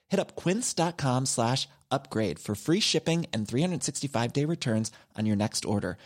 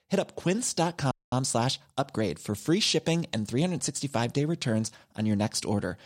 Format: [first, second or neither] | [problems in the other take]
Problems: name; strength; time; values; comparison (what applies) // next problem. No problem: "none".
first | audio freezing; at 1 s